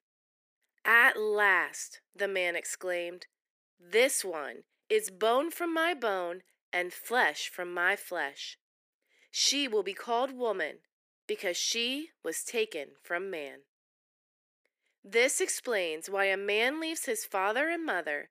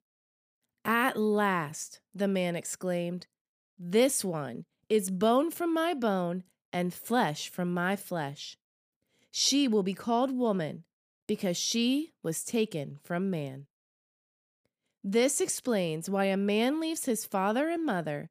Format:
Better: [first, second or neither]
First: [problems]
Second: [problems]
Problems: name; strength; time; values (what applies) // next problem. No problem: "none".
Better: second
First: thin; very; fading below 350 Hz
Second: none